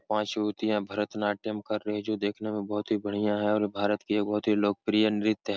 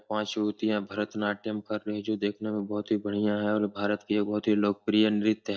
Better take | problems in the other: first | noise reduction (neural mask model DeepFilterNet 3)

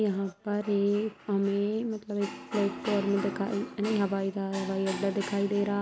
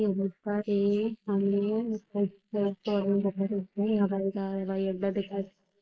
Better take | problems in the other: first | noise reduction (neural mask model Resemble Enhance denoiser)

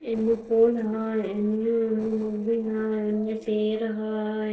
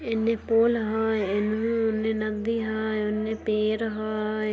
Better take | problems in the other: second | noise reduction (neural separator model SepFormer DNS4)

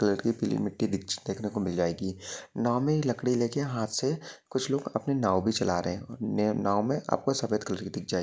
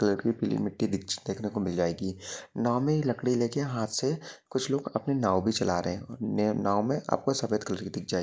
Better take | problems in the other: first | noise reduction (neural mask model Resemble Enhance denoiser)

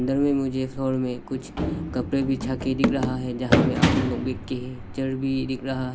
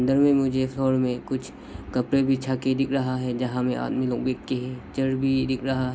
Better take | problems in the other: second | background sound (Run); 1 dB below the speech

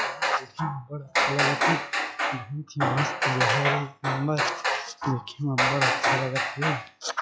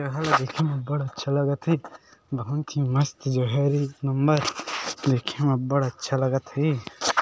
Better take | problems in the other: second | noise reduction (classical method log-MMSE)

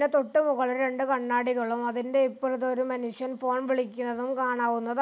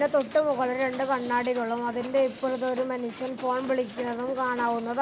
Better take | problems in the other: first | background sound (Hiss); 16 dB below the speech

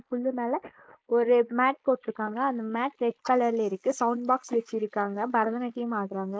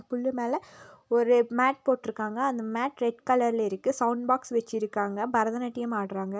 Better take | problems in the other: second | noise reduction (neural mask model Resemble Enhance denoiser)

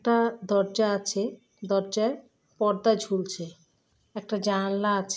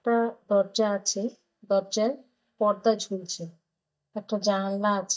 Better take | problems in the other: first | noise reduction (neural mask model DeepFilterNet 3)

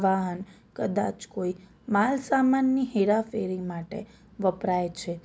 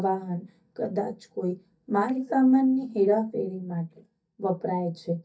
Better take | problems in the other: first | noise reduction (neural mask model DeepFilterNet 3)

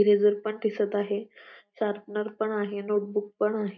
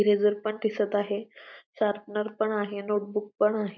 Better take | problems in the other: second | room echo; dies away in 0.3 s

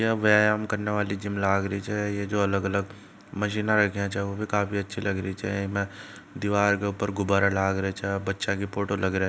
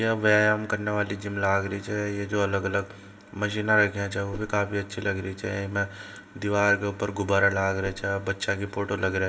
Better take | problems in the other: first | background sound (Whoosh, swoosh, swish); 14 dB below the speech // room echo; dies away in 1.3 s

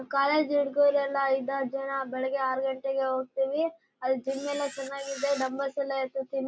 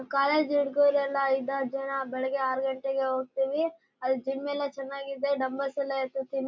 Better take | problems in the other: second | background sound (Camera); 15 dB below the speech

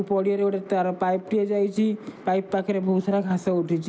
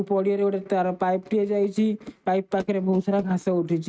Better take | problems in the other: first | noise reduction (neural mask model RNNoise)

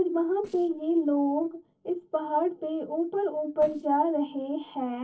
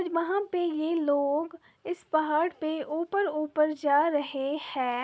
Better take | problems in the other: second | noise reduction (neural separator model SepFormer DNS4)

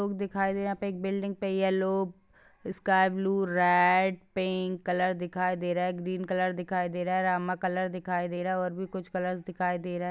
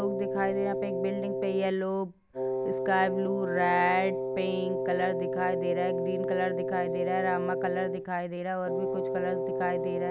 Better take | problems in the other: first | background sound (Wind instrument, woodwind instrument); 1 dB below the speech

